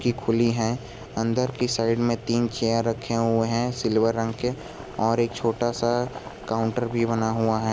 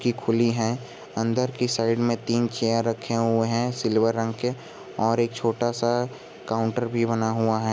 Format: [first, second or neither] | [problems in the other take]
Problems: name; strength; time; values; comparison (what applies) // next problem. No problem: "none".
second | background sound (Boiling); 17 dB below the speech